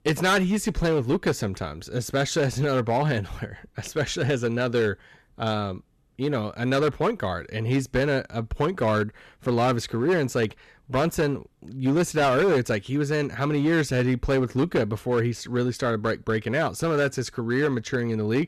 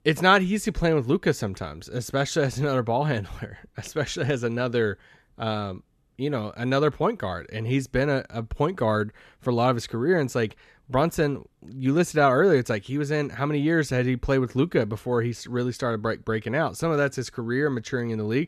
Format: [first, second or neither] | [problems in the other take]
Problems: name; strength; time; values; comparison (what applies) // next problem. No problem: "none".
second | distortion; slight; 8% of the sound clipped